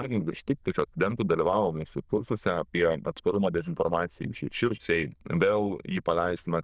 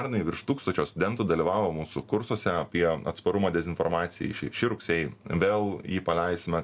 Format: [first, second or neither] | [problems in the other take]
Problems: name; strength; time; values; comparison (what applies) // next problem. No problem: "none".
second | noise reduction (neural diffusion model UNIVERSE++)